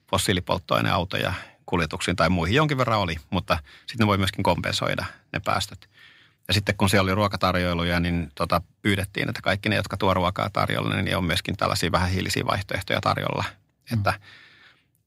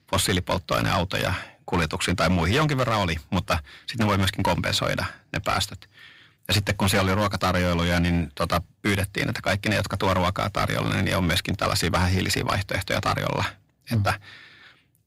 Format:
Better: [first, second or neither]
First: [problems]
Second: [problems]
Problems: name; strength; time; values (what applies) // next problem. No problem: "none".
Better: first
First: none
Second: distortion; heavy; 8% of the sound clipped